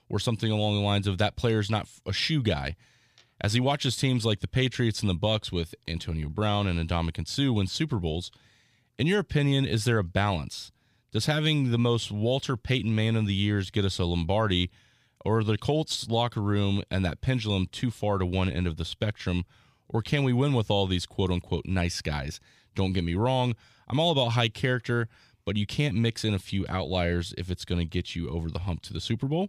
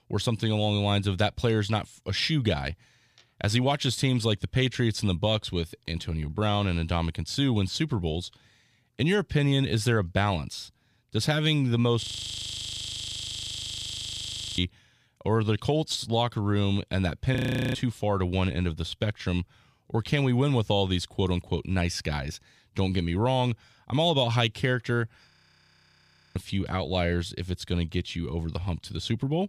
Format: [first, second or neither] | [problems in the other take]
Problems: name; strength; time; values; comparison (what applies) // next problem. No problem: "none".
first | audio freezing; at 12 s for 2.5 s, at 17 s and at 25 s for 1 s